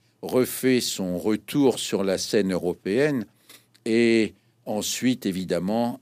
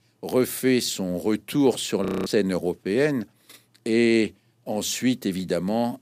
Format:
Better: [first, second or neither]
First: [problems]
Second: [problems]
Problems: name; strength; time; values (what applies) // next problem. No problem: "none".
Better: first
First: none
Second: audio freezing; at 2 s